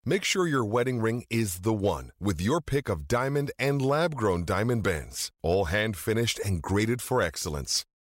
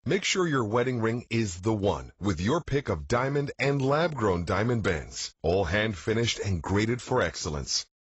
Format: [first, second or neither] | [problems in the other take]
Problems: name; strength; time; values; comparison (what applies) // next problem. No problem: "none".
first | garbled, watery; badly; nothing above 7.5 kHz